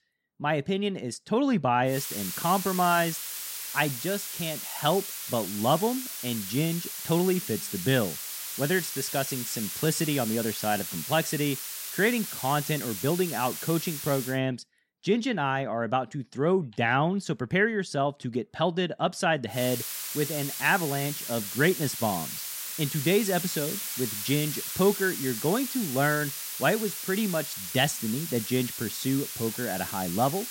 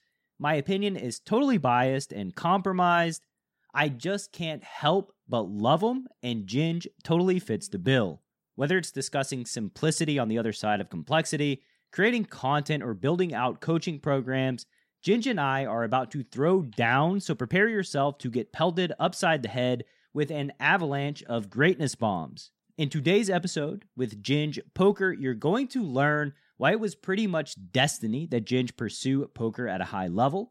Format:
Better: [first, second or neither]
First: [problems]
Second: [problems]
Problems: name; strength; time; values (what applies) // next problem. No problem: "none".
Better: second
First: hiss; loud; from 2 to 14 s and from 20 s on; 5 dB below the speech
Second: none